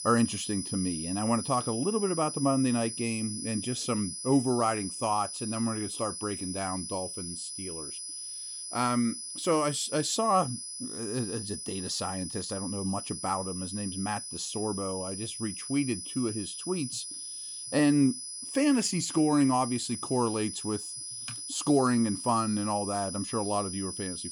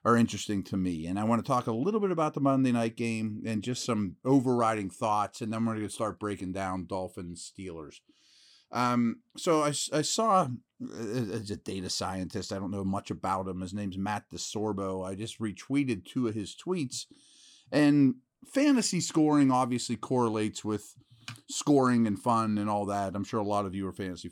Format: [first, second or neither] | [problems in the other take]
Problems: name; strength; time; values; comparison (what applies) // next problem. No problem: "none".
second | high-pitched whine; loud; throughout; 10 kHz, 6 dB below the speech